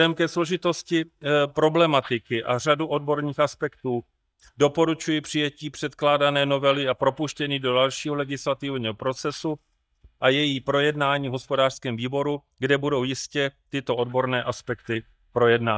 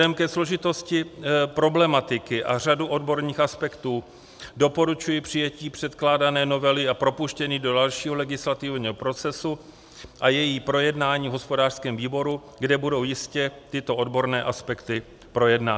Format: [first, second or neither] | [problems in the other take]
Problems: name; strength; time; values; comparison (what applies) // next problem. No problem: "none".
second | noise reduction (neural mask model DeepFilterNet 3)